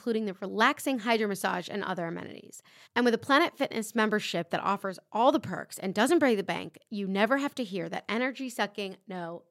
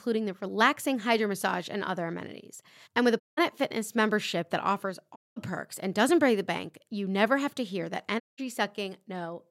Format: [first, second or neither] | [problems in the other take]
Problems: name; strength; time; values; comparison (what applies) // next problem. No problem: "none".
first | audio cutting out; at 3 s, at 5 s and at 8 s